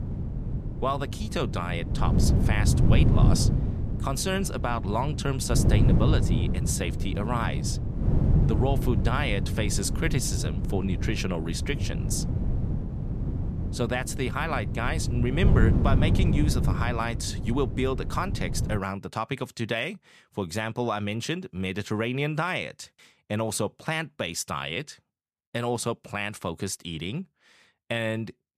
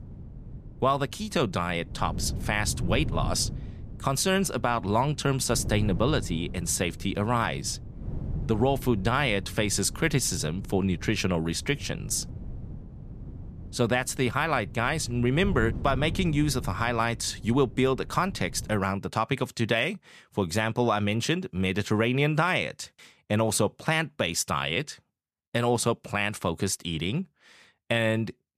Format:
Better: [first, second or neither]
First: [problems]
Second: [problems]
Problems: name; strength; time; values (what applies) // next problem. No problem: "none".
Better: second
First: wind noise on the microphone; heavy; until 19 s; 7 dB below the speech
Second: wind noise on the microphone; occasional gusts; until 19 s; 20 dB below the speech